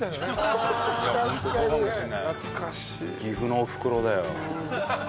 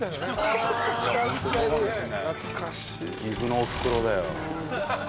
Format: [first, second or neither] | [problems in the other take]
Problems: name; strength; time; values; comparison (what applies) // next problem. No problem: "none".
first | background sound (Accelerating, revving, vroom / Mechanisms + Bird); 11 dB below the speech